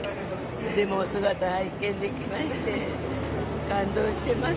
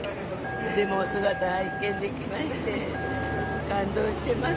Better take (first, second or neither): first